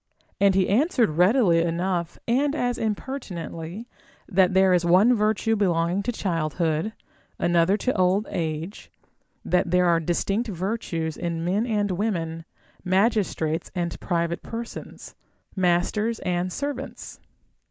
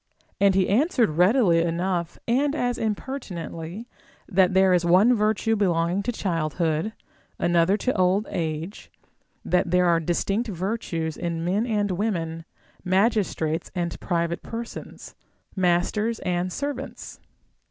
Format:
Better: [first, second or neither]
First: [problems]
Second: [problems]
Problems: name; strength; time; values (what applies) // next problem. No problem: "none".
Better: second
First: noise reduction (neural mask model Resemble Enhance denoiser)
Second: none